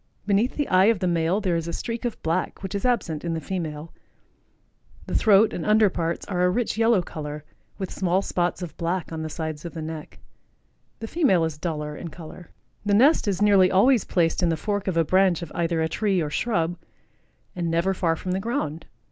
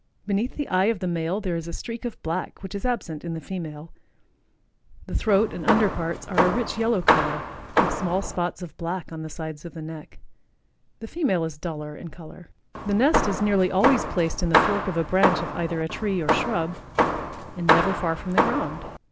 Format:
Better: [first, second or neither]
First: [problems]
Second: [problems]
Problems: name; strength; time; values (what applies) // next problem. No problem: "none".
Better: first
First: none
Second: background sound (Hammer); 1 dB above the speech